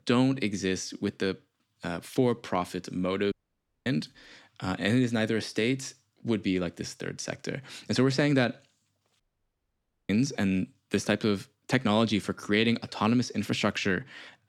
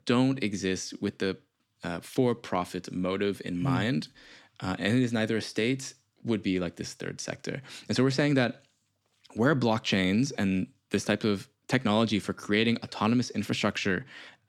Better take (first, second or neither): second